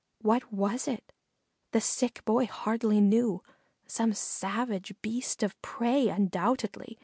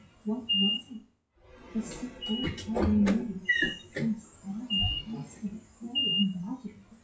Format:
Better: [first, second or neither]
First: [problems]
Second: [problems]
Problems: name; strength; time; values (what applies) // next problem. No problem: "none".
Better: first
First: none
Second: noise reduction (classical method WPE with log-MMSE)